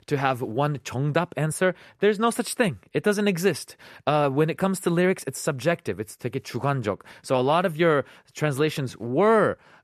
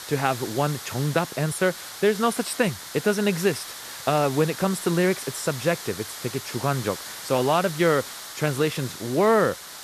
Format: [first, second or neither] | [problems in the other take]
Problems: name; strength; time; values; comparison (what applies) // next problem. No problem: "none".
first | hiss; noticeable; throughout; 10 dB below the speech